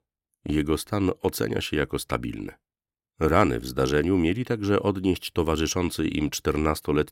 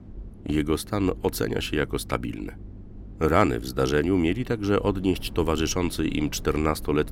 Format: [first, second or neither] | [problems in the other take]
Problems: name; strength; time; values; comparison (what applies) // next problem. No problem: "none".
first | low rumble; faint; throughout; 25 dB below the speech